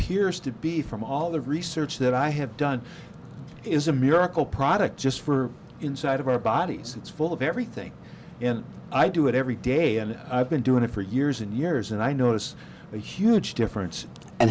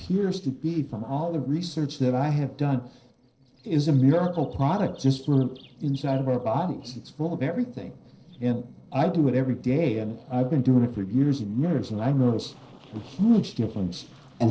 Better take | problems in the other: first | noise reduction (neural separator model SepFormer DNS4)

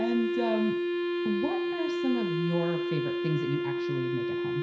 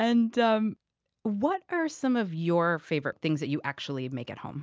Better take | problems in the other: second | background sound (Wind instrument, woodwind instrument); 2 dB above the speech // room echo; dies away in 0.5 s

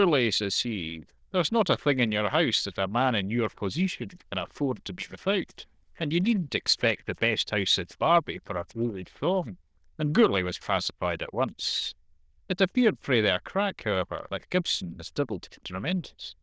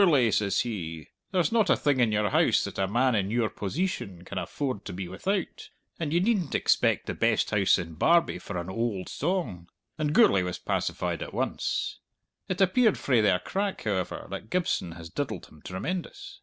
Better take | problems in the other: second | noise reduction (neural diffusion model UNIVERSE++)

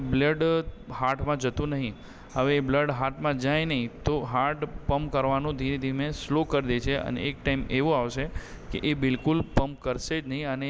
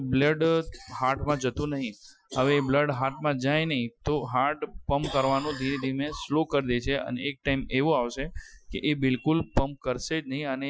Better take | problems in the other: first | noise reduction (classical method Wiener filter)

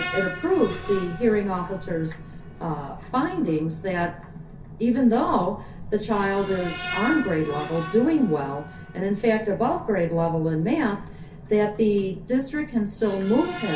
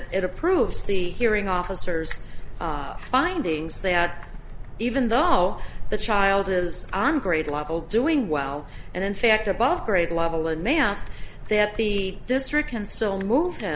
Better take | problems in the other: second | background sound (Screech); 14 dB below the speech // room echo; dies away in 0.3 s

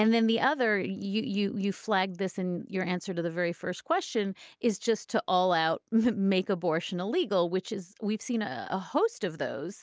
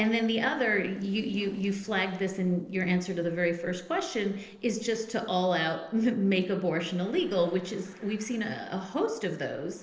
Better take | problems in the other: first | noise reduction (neural separator model SepFormer DNS4)

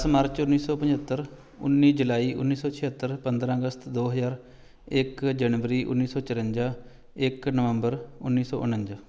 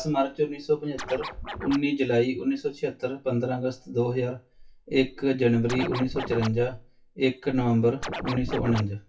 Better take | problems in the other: first | noise reduction (classical method WPE with log-MMSE)

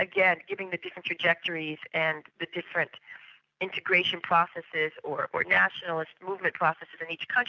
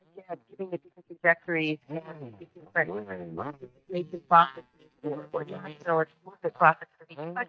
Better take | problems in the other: first | noise reduction (neural mask model DeepFilterNet 3)

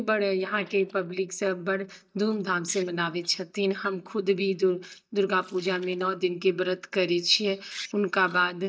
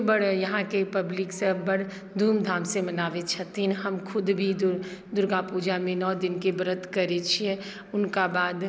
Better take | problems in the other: second | noise reduction (neural mask model DeepFilterNet 3)

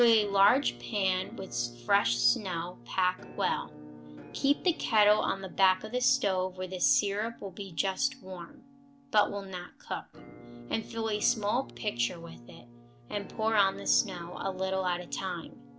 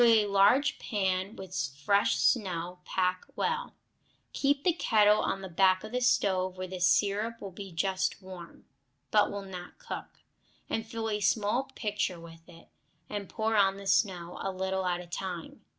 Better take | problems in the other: second | background sound (Musical instrument); 17 dB below the speech

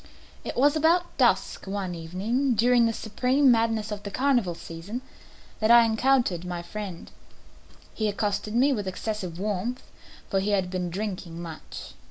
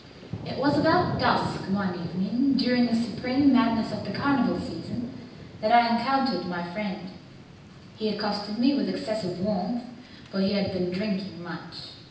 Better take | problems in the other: first | background sound (Thunder / Rain); 11 dB below the speech // room echo; dies away in 0.9 s

